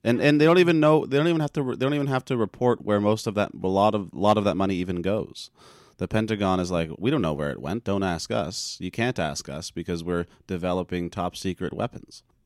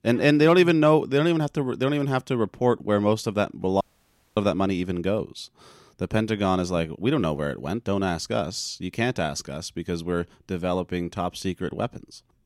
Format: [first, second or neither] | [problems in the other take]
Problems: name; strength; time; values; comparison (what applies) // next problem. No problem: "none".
first | audio cutting out; at 4 s for 0.5 s